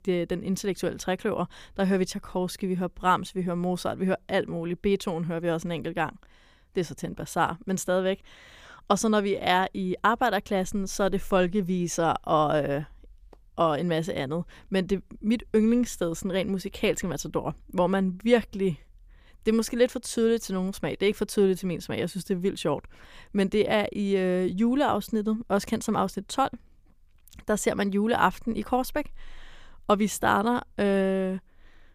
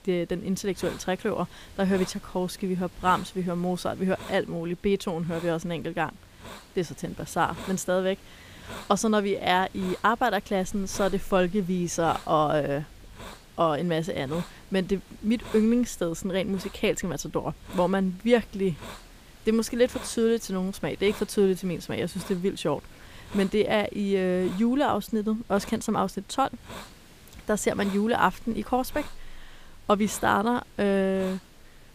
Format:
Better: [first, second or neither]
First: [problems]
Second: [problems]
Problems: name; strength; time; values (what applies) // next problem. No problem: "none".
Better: first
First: none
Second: hiss; noticeable; throughout; 20 dB below the speech